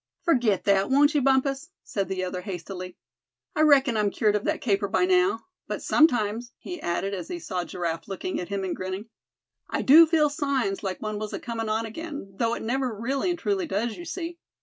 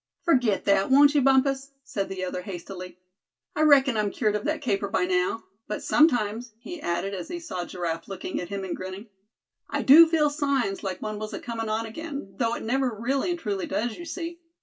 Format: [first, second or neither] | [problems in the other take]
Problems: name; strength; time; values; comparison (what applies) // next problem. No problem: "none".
first | room echo; dies away in 0.2 s